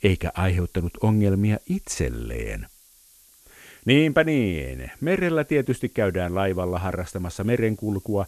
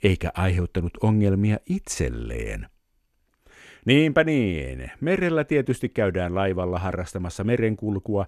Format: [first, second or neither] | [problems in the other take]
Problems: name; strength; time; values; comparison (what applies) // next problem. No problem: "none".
second | hiss; faint; throughout; 25 dB below the speech